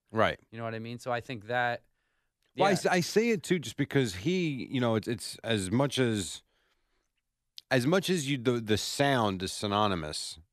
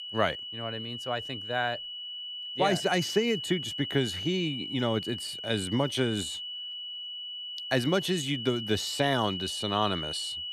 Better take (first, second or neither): first